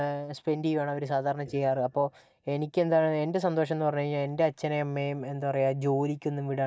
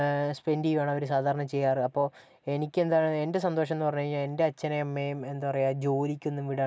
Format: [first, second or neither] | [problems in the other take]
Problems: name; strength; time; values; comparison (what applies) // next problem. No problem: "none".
second | noise reduction (neural mask model DeepFilterNet 3)